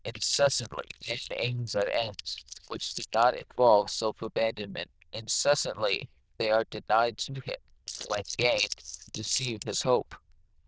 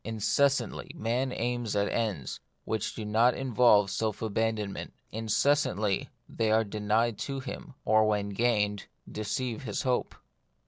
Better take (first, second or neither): second